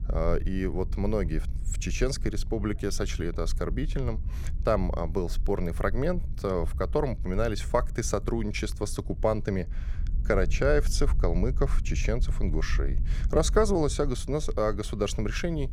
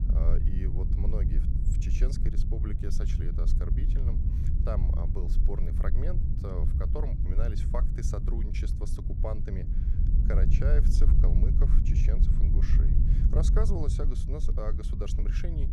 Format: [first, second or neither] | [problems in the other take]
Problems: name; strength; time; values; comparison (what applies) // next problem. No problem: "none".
first | low rumble; loud; throughout; 3 dB below the speech; faint in the first